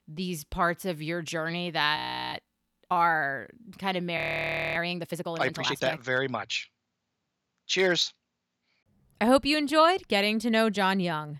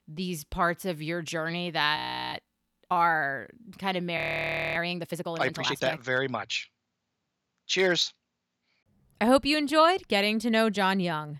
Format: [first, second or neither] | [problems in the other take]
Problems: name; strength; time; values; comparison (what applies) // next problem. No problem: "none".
neither | audio freezing; at 2 s and at 4 s for 0.5 s; the same in both